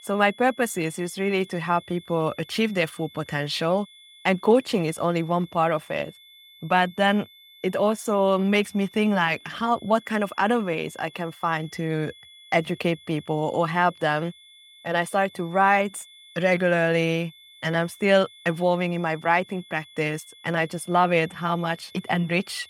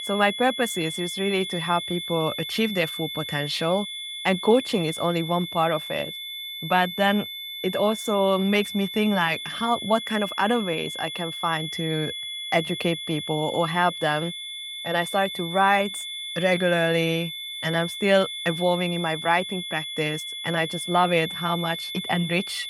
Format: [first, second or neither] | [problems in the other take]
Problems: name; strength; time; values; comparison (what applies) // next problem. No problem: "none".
first | high-pitched whine; loud; throughout; 3.5 kHz, 7 dB below the speech; faint in the first